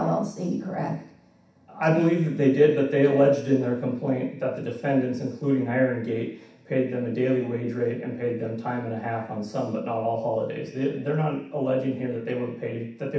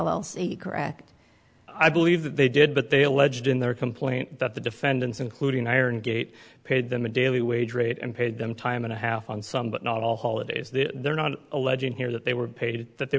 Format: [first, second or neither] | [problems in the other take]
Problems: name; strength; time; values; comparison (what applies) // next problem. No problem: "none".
second | room echo; dies away in 0.7 s